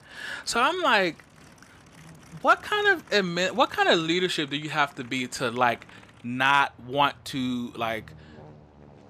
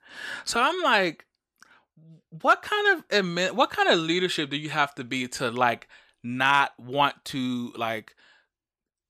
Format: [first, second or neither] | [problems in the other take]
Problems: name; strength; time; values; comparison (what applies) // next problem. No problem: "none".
second | train or aircraft noise; faint; throughout; 25 dB below the speech